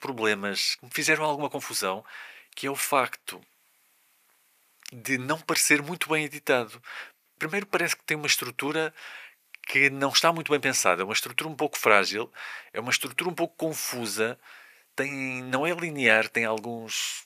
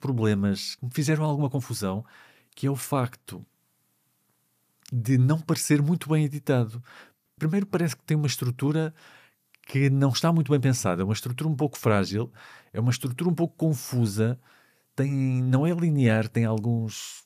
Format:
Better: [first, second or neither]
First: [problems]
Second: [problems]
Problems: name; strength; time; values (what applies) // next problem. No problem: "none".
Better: second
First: thin; very; fading below 550 Hz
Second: none